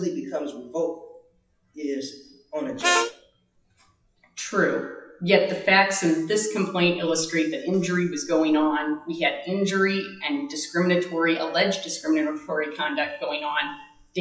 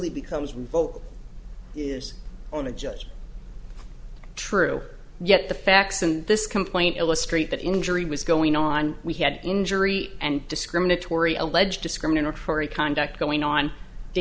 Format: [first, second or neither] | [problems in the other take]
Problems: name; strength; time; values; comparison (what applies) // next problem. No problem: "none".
second | noise reduction (classical method WPE with log-MMSE)